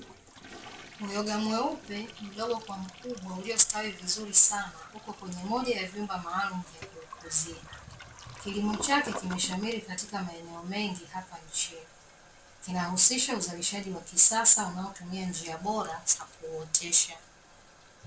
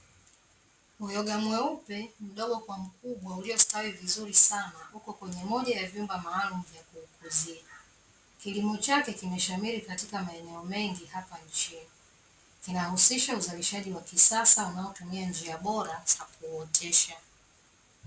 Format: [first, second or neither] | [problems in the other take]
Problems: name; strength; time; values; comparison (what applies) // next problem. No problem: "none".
second | background sound (Toilet flush); 18 dB below the speech